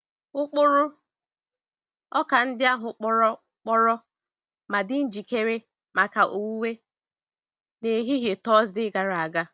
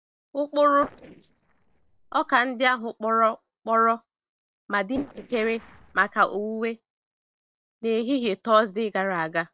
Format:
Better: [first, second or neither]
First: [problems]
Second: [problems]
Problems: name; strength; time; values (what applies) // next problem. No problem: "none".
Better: first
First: none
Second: noise reduction (neural separator model SepFormer DNS4)